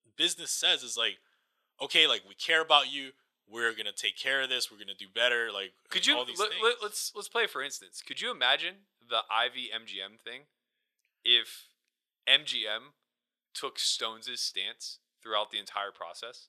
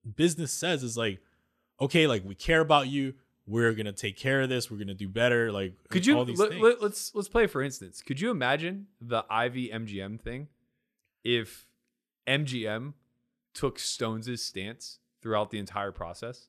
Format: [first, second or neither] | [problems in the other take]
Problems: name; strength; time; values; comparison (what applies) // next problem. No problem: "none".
second | thin; very; fading below 700 Hz